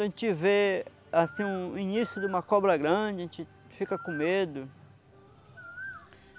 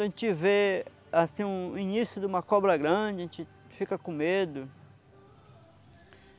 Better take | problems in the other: second | background sound (Bird); 18 dB below the speech

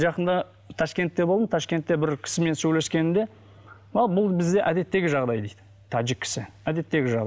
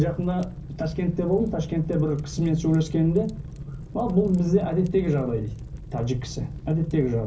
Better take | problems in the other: first | background sound (Fire); 12 dB below the speech // room echo; dies away in 0.5 s

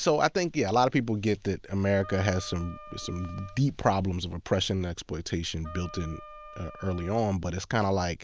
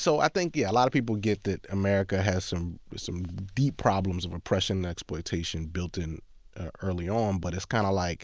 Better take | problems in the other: second | background sound (Wind instrument, woodwind instrument); 18 dB below the speech

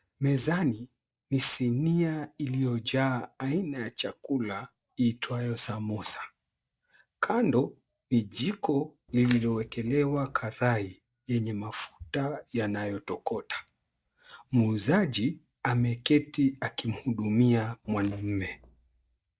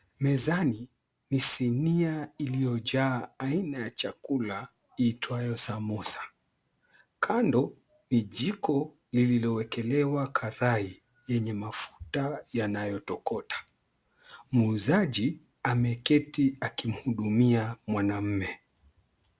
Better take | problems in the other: second | noise reduction (neural mask model DeepFilterNet 3)

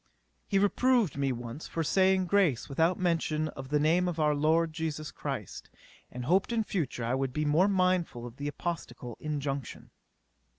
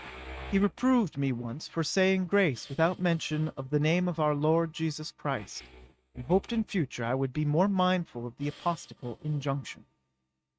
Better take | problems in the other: first | noise reduction (neural mask model RNNoise)

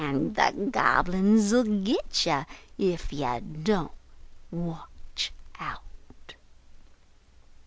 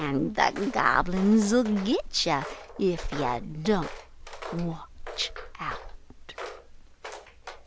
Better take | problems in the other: first | background sound (Walk, footsteps); 15 dB below the speech

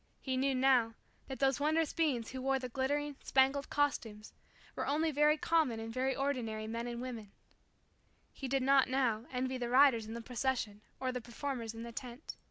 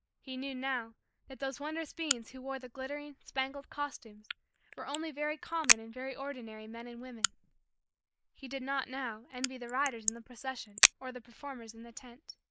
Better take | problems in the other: first | noise reduction (neural mask model Resemble Enhance denoiser)

